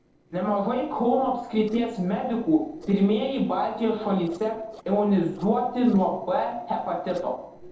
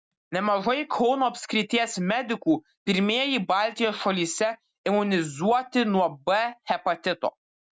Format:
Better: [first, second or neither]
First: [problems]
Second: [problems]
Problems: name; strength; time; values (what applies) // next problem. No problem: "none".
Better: second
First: noise reduction (neural separator model SepFormer DNS4)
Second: none